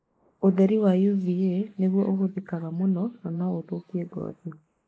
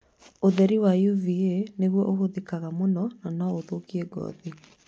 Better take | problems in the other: second | noise reduction (neural mask model Resemble Enhance denoiser)

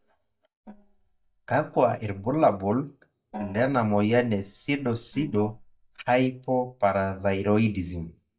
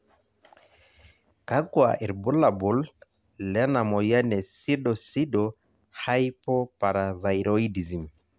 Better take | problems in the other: second | noise reduction (neural mask model DeepFilterNet 3)

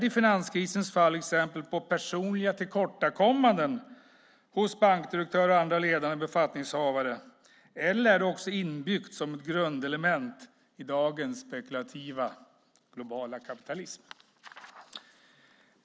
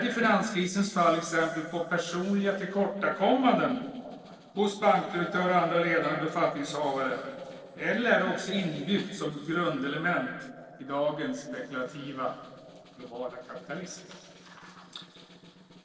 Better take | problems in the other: first | noise reduction (neural separator model SepFormer DNS4)

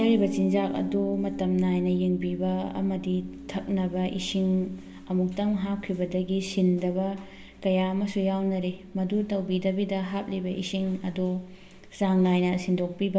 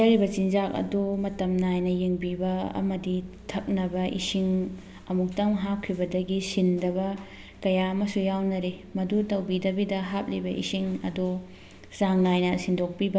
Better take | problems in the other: second | background sound (Piano); 14 dB below the speech // room echo; dies away in 0.3 s

